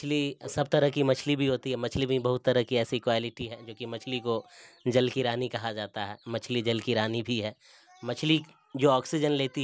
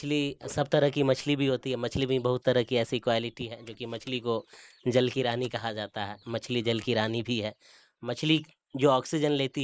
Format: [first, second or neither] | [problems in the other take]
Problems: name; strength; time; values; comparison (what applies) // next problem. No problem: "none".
first | noise reduction (neural mask model Resemble Enhance denoiser)